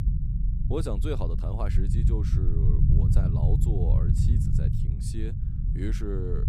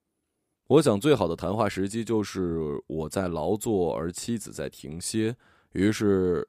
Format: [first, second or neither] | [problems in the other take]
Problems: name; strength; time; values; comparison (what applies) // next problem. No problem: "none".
second | low rumble; loud; throughout; 1 dB below the speech